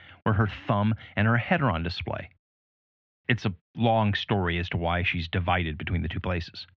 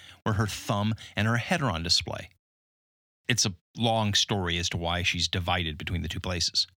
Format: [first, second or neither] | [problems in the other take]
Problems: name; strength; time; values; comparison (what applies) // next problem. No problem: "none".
second | muffled; very; fading above 2.5 kHz